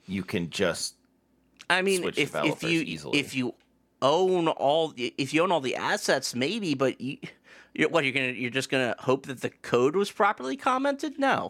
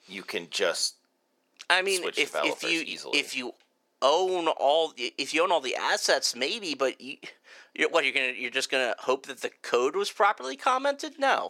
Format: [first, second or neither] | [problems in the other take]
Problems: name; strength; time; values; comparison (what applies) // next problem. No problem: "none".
first | thin; somewhat; fading below 500 Hz